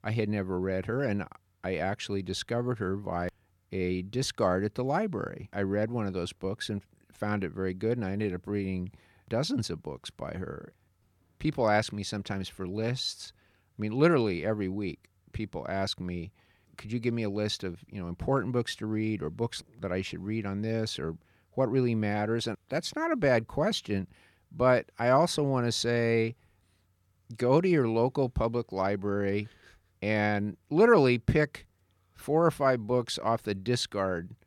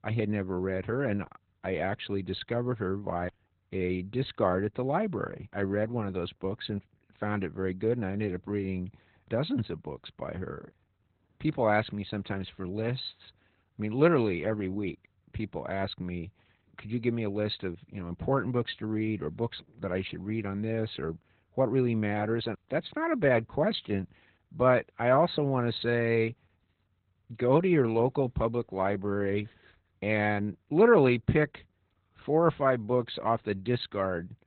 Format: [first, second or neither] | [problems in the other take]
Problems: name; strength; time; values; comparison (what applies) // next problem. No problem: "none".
first | garbled, watery; badly; nothing above 4 kHz